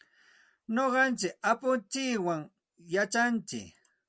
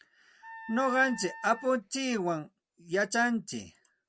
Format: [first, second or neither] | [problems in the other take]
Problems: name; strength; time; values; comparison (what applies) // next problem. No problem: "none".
first | background sound (Wind instrument, woodwind instrument); 14 dB below the speech